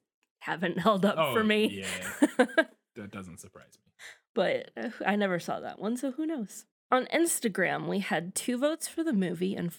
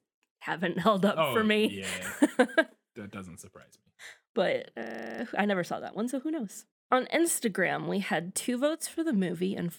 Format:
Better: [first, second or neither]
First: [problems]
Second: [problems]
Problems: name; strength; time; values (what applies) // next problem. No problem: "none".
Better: first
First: none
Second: audio freezing; at 5 s